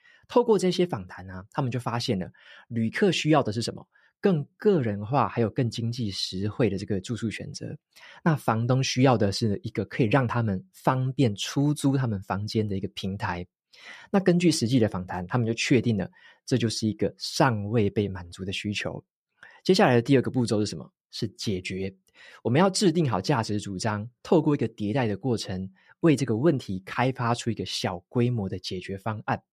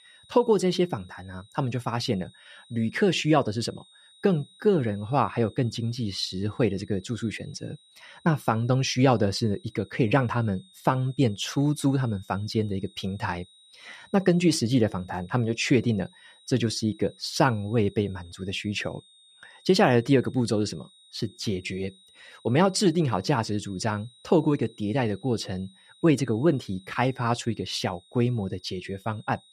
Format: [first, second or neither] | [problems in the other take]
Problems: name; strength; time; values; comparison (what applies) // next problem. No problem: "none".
first | high-pitched whine; faint; throughout; 3.5 kHz, 30 dB below the speech